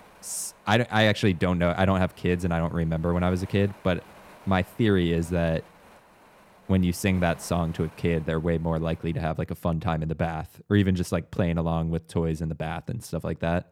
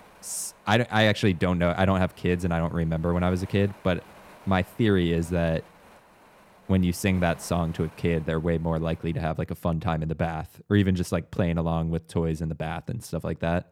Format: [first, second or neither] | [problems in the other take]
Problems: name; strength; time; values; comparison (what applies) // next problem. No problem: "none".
neither | wind noise on the microphone; occasional gusts; until 9 s; 20 dB below the speech; the same in both